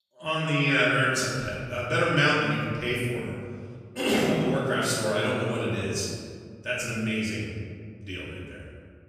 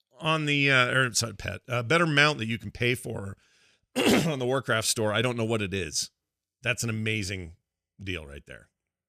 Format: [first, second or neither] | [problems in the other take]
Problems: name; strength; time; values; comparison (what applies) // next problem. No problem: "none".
second | room echo; strong; dies away in 1.8 s // off-mic speech; far